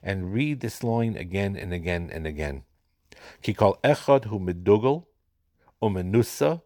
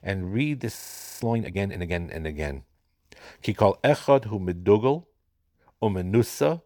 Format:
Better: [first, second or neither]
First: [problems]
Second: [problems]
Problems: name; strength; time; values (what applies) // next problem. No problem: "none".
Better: first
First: none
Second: audio freezing; at 1 s